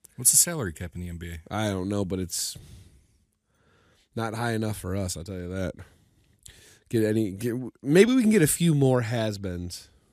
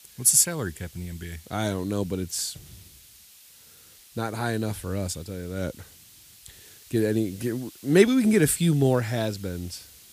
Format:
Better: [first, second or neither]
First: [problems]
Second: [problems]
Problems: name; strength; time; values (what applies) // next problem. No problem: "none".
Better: first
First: none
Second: hiss; faint; throughout; 25 dB below the speech